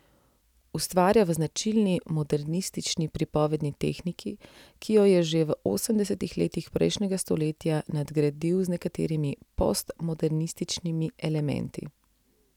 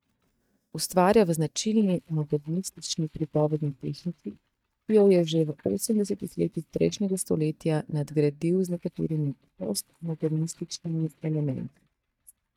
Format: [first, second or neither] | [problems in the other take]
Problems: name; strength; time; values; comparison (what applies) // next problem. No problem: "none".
first | noise reduction (neural mask model DeepFilterNet 3)